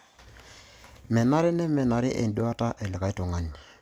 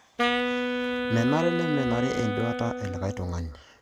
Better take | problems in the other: first | background sound (Wind instrument, woodwind instrument); 1 dB below the speech

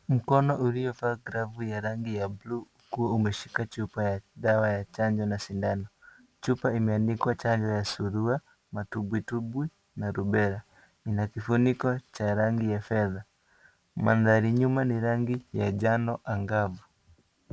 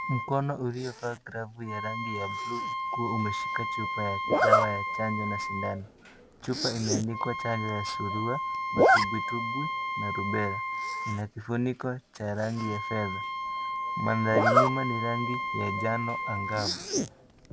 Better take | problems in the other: first | background sound (Wind instrument, woodwind instrument + Zipper (clothing)); 3 dB above the speech

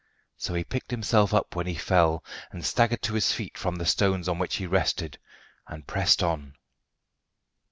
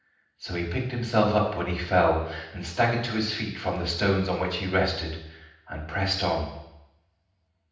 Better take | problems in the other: first | room echo; dies away in 0.9 s

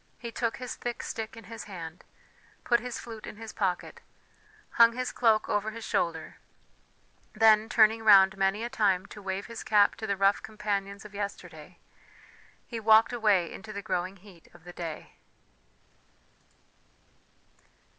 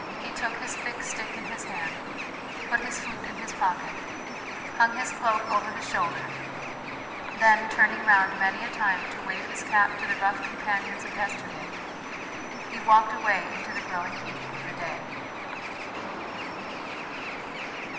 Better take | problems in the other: first | background sound (Bird); 6 dB below the speech // room echo; dies away in 2.2 s

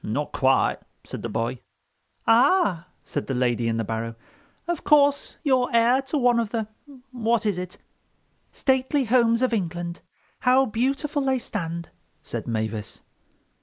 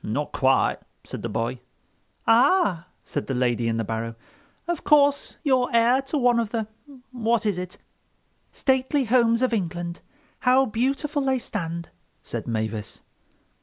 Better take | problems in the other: second | noise reduction (neural mask model Resemble Enhance denoiser)

